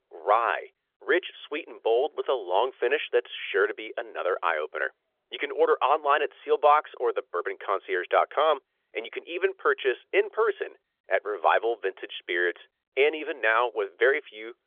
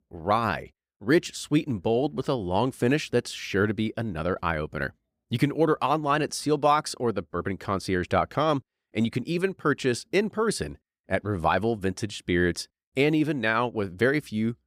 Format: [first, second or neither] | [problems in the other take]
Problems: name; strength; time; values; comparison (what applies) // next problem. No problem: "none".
second | phone-call audio; nothing above 3.5 kHz